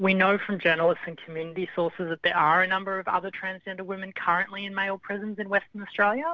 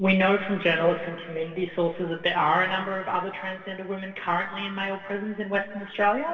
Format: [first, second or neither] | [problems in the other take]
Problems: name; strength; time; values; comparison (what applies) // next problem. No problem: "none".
first | room echo; dies away in 2.3 s